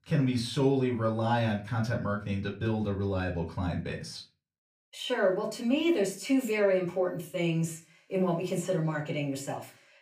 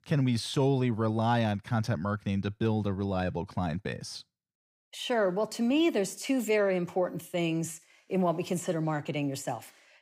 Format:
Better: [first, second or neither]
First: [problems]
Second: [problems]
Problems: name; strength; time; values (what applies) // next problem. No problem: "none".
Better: second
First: off-mic speech; somewhat distant // room echo; very slight; dies away in 0.3 s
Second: none